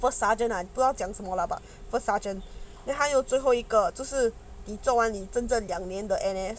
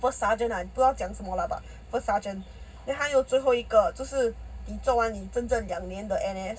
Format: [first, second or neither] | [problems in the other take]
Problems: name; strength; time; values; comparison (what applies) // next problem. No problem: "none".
first | room echo; dies away in 0.4 s